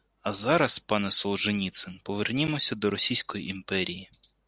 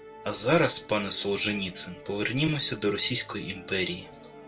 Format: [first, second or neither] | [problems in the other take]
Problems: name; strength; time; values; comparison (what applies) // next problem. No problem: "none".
first | background sound (Musical instrument); 17 dB below the speech // room echo; dies away in 0.2 s